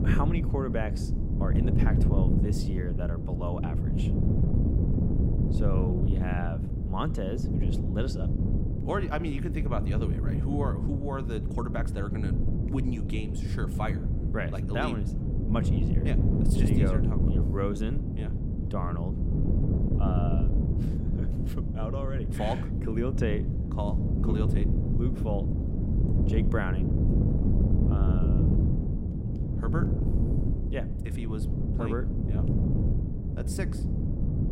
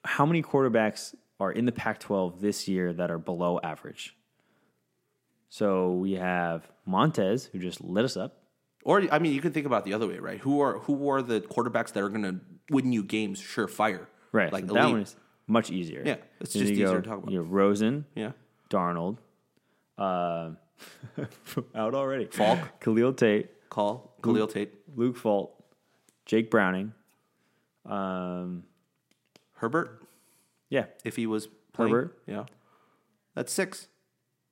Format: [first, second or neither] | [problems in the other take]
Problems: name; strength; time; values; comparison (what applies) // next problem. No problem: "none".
second | wind noise on the microphone; heavy; 2 dB below the speech